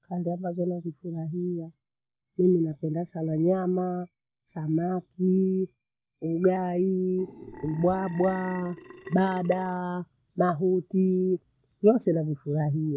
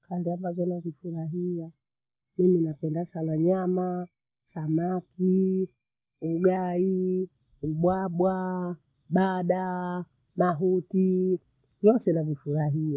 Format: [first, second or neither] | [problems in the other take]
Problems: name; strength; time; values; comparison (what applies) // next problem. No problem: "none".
second | background sound (Burping, eructation); 16 dB below the speech